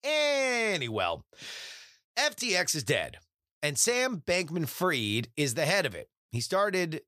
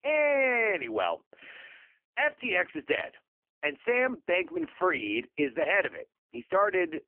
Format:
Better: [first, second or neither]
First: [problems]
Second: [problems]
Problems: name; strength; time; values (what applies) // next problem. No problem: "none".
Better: first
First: none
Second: phone-call audio; poor line; nothing above 3 kHz